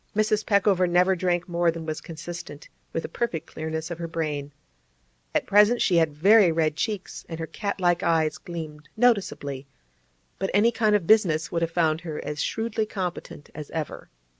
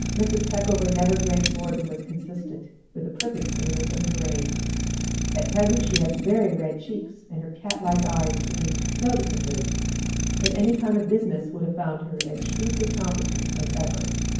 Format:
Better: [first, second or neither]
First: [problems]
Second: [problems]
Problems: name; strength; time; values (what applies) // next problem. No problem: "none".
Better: first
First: none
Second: background sound (Idling); as loud as the speech // room echo; dies away in 0.9 s